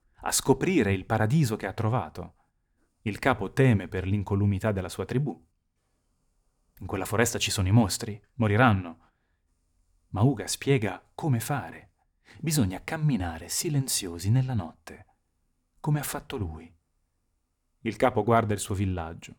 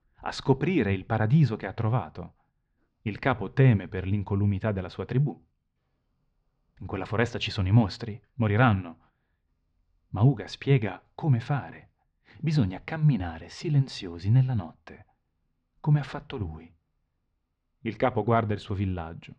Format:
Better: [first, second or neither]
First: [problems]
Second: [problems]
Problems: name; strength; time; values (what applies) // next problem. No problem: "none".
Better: first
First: none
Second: muffled; slightly; fading above 4.5 kHz